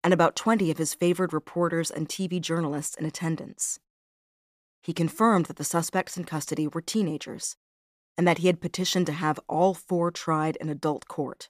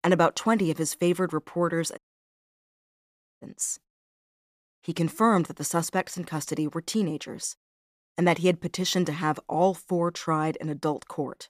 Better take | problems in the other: first | audio cutting out; at 2 s for 1.5 s

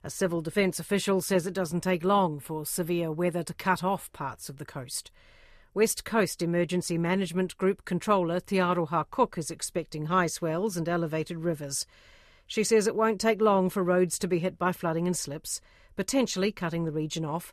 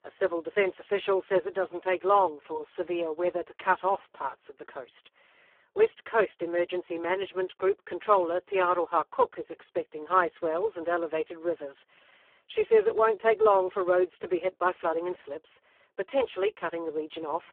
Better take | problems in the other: first | phone-call audio; poor line

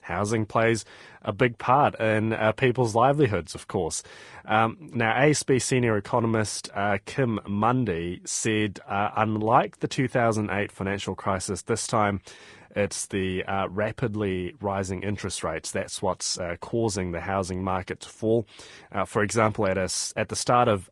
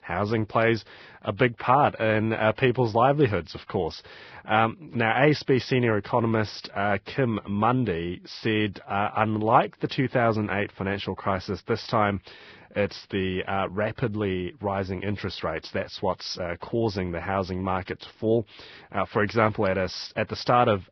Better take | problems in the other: first | garbled, watery; badly; nothing above 5.5 kHz; slightly in the first

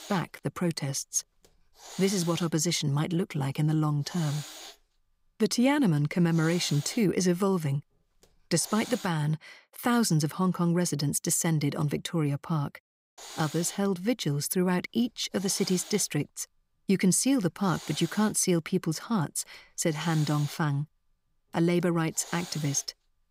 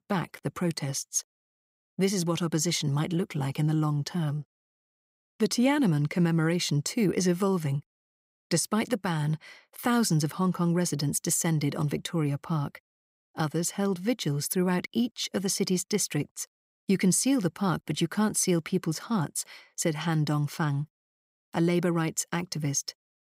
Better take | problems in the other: second | hiss; noticeable; until 9 s and from 13 s on; 15 dB below the speech

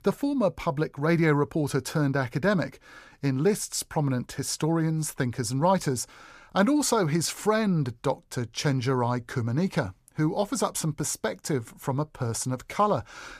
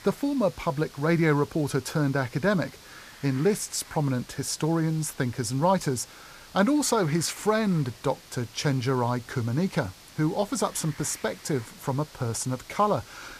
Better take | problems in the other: first | hiss; noticeable; throughout; 20 dB below the speech

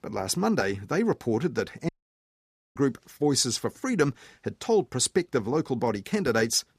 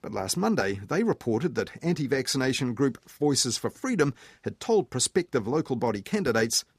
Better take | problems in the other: second | audio cutting out; at 2 s for 1 s

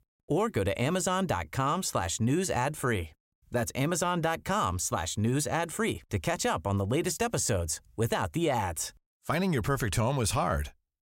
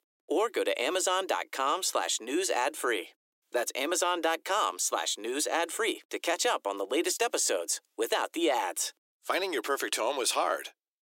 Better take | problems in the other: first | thin; very; fading below 300 Hz

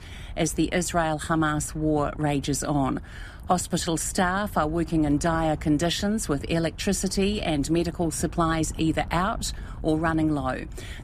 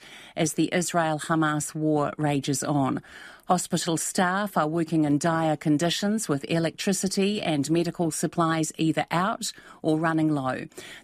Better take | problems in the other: second | wind noise on the microphone; occasional gusts; 25 dB below the speech

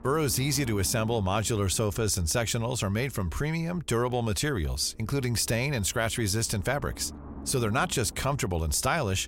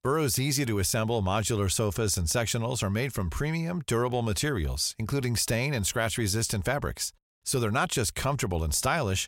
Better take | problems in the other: second | low rumble; faint; throughout; 25 dB below the speech

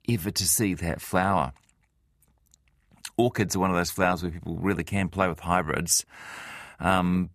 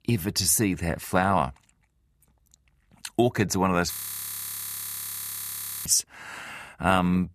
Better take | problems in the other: first | audio freezing; at 4 s for 2 s

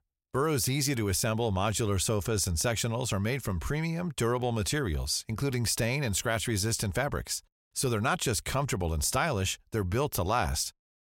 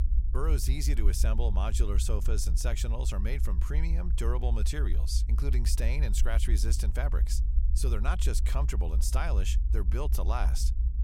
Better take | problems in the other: first | low rumble; noticeable; throughout; 10 dB below the speech

